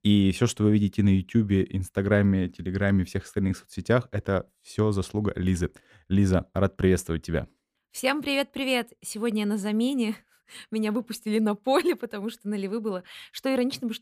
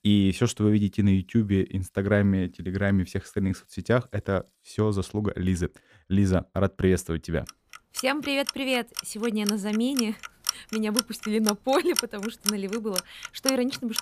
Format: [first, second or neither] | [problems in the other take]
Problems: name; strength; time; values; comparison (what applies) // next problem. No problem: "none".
first | household noises; loud; throughout; 5 dB below the speech